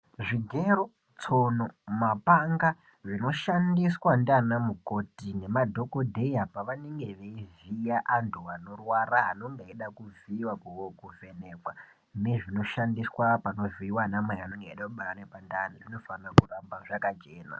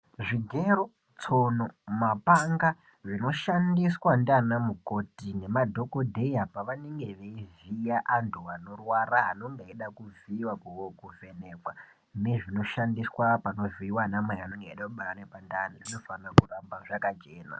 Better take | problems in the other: first | background sound (Tambourine); 18 dB below the speech

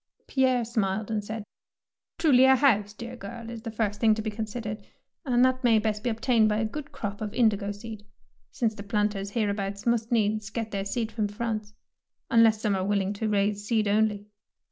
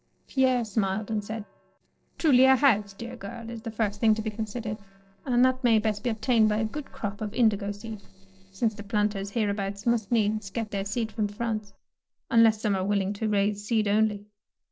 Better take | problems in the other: first | noise reduction (neural separator model SepFormer DNS4)

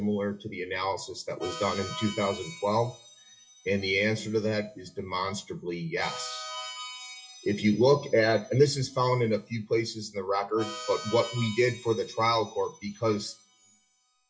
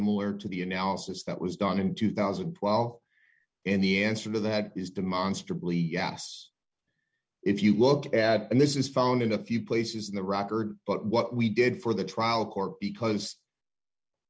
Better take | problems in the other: second | noise reduction (classical method WPE with log-MMSE)

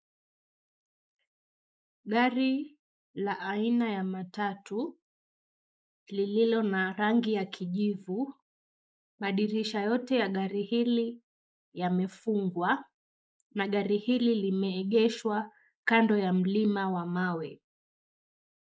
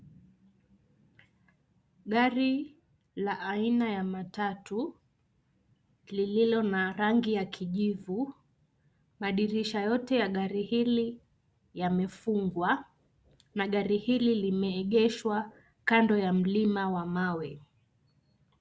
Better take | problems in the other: second | noise reduction (neural mask model Resemble Enhance denoiser)

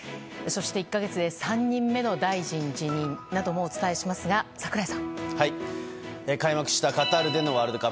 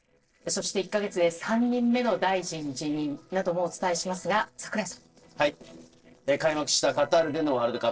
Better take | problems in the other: first | noise reduction (neural separator model SepFormer DNS4)

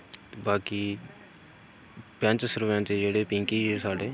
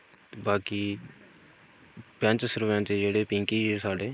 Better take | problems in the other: first | noise reduction (neural mask model Resemble Enhance denoiser)

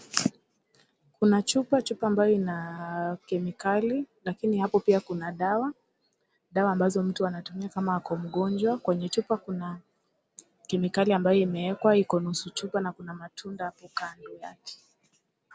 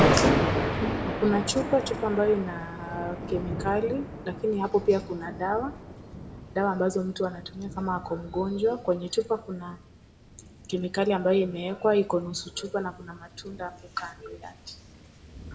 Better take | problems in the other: first | background sound (Thunder); 4 dB below the speech // room echo; dies away in 0.4 s

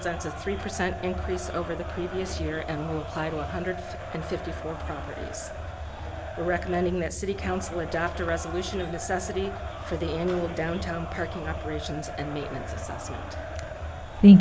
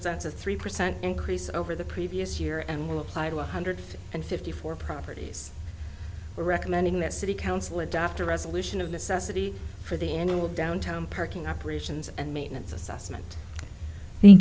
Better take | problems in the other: second | background sound (Crowd); 12 dB below the speech

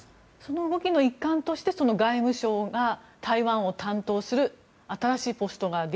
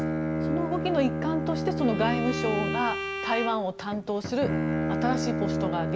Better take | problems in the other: first | background sound (Bowed string instrument + Bowed string instrument); as loud as the speech

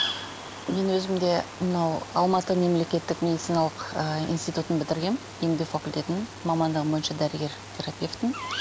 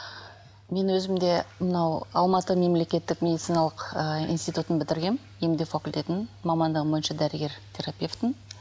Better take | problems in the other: second | background sound (Bird vocalization, bird call, bird song); 11 dB below the speech

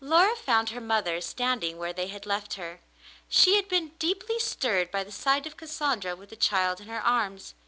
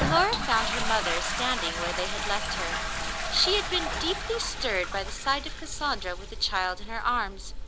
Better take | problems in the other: first | background sound (Toilet flush); 2 dB below the speech

